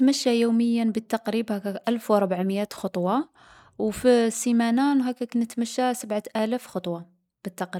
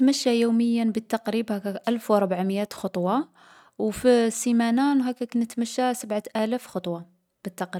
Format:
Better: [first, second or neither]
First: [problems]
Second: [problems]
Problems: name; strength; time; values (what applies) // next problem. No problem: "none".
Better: second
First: noise reduction (neural mask model Resemble Enhance denoiser)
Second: none